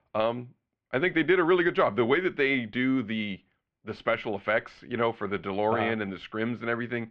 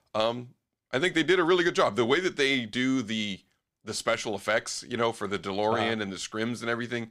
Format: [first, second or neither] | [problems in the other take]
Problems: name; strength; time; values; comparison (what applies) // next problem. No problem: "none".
second | muffled; very; fading above 2.5 kHz